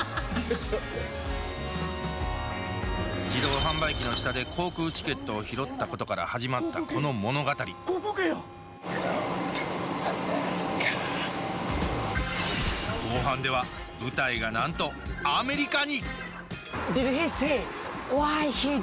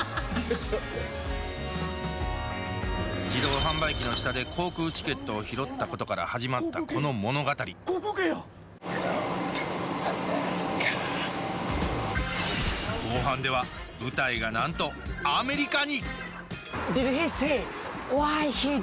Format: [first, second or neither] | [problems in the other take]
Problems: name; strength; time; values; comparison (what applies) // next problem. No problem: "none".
second | background sound (Harmonica); 19 dB below the speech